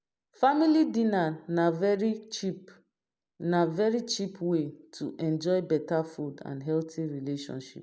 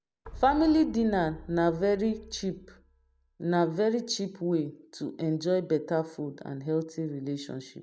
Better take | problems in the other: first | background sound (Keyboard (musical) + Boom); 19 dB below the speech

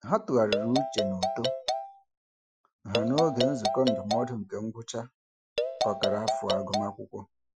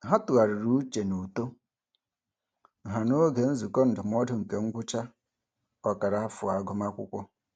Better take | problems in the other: second | noise reduction (classical method Wiener filter)

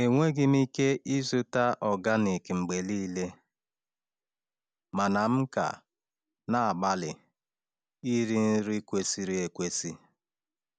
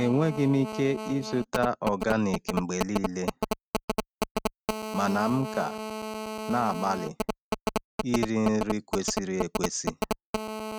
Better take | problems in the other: first | noise reduction (neural mask model RNNoise)

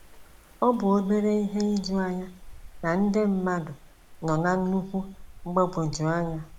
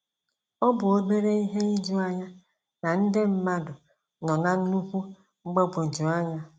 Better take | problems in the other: second | background sound (Wind); 17 dB below the speech

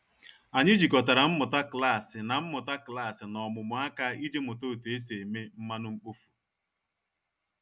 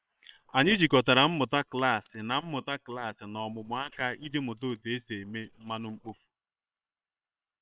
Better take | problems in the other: first | noise reduction (neural separator model SepFormer WHAM!)

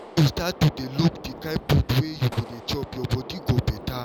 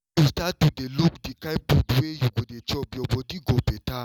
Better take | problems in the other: second | background sound (Gunshot, gunfire); 16 dB below the speech

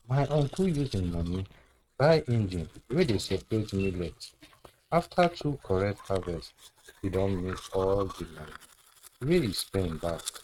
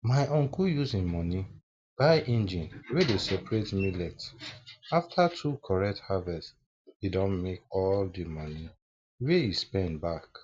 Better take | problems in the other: second | noise reduction (neural mask model RNNoise)

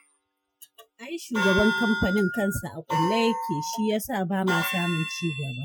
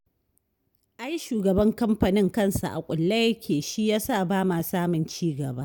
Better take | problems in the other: second | noise reduction (classical method Wiener filter)

